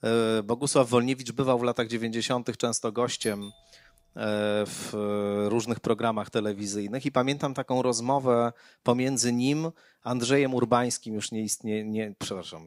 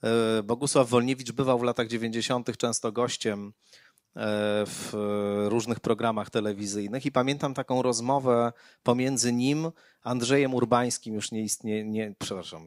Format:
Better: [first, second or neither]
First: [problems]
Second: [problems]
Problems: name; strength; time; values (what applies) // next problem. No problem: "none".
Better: second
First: doorbell; faint; at 3 s; peak 15 dB below the speech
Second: none